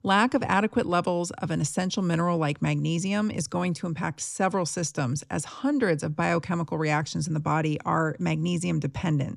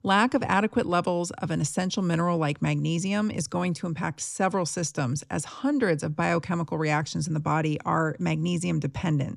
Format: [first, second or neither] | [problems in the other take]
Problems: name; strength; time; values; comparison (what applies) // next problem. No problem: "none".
neither | none